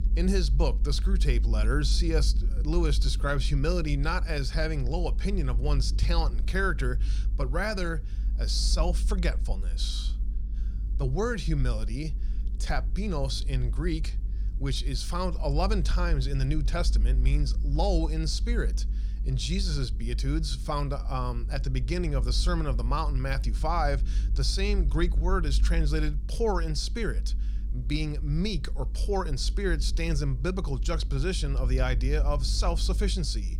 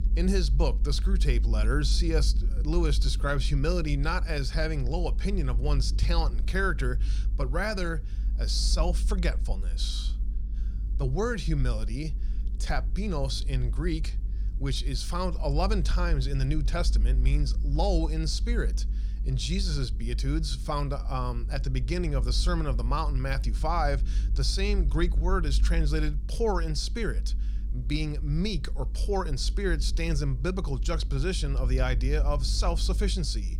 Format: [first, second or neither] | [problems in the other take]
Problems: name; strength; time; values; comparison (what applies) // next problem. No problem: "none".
neither | low rumble; noticeable; throughout; 20 dB below the speech; the same in both